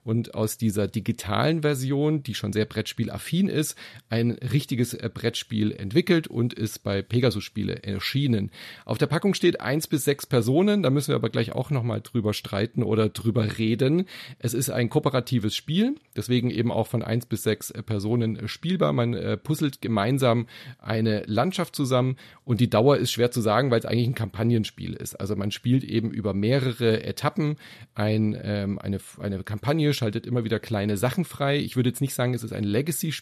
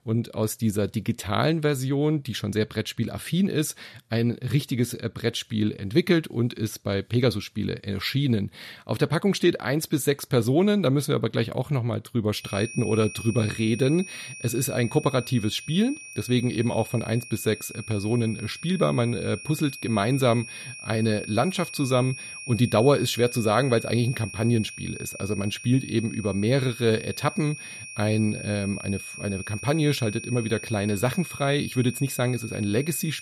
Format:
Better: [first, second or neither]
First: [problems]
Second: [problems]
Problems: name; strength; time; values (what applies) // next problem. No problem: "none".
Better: first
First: none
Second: high-pitched whine; noticeable; from 12 s on; 2.5 kHz, 10 dB below the speech